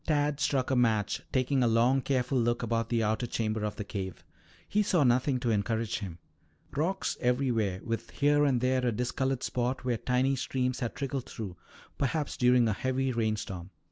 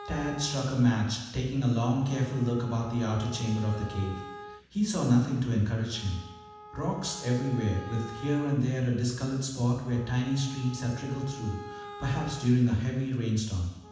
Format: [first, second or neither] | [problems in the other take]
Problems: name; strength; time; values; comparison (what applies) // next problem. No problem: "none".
first | background sound (Wind instrument, woodwind instrument); 17 dB below the speech // room echo; dies away in 1.1 s